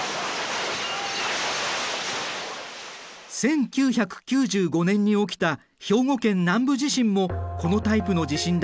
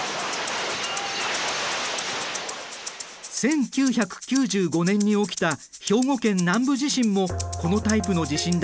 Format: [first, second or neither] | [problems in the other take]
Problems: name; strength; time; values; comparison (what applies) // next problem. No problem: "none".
first | background sound (Rattle (instrument)); 14 dB below the speech